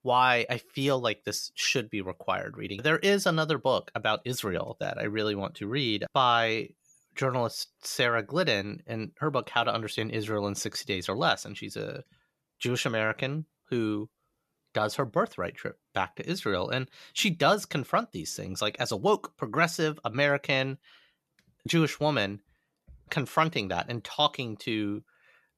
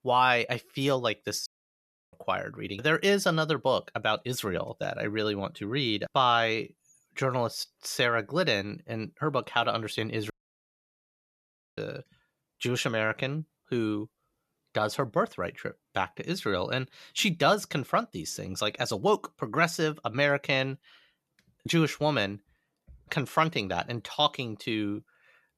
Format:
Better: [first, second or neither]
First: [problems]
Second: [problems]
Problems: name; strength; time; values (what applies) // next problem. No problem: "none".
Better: first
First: none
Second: audio cutting out; at 1.5 s for 0.5 s and at 10 s for 1.5 s